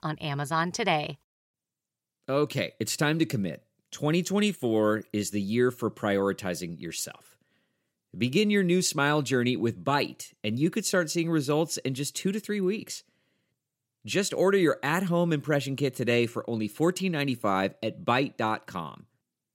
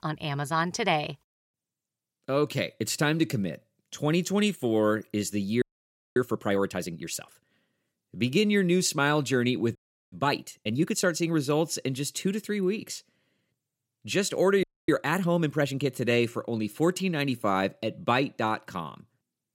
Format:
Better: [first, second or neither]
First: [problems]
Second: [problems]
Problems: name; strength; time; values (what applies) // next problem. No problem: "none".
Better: first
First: none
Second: audio freezing; at 5.5 s for 0.5 s, at 10 s and at 15 s